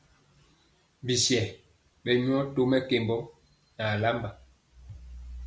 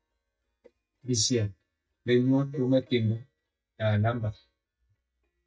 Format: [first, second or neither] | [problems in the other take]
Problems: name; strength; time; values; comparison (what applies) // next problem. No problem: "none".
first | noise reduction (neural mask model DeepFilterNet 3)